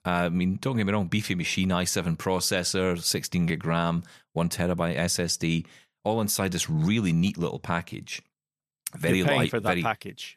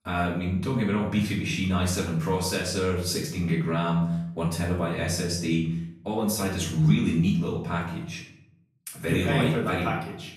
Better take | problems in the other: first | off-mic speech; far // room echo; noticeable; dies away in 0.7 s

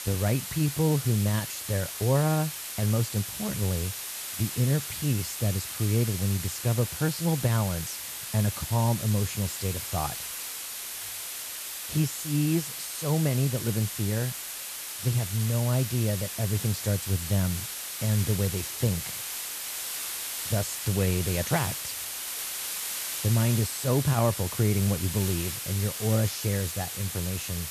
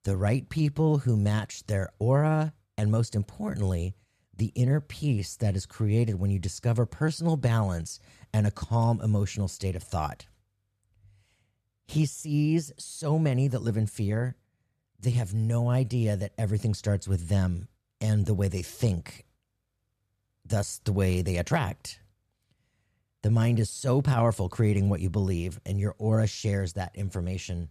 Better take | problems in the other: second | hiss; loud; throughout; 5 dB below the speech

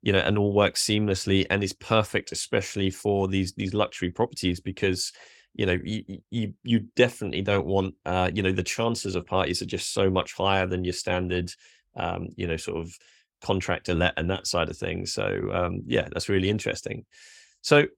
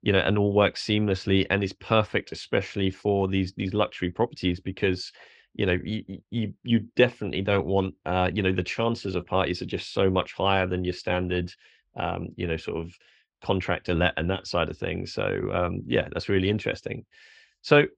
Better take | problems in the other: first | muffled; very slightly; fading above 4 kHz

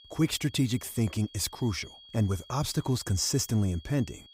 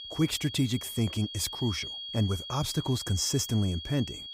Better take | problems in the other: first | high-pitched whine; loud; throughout; 3.5 kHz, 8 dB below the speech; faint in the first

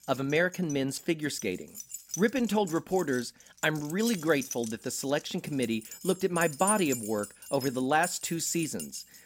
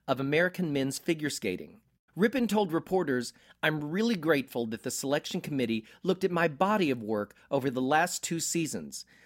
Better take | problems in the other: second | jangling keys; noticeable; peak level with the speech

